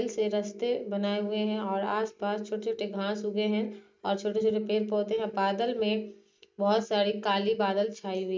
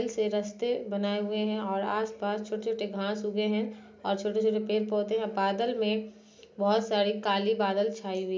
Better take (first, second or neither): second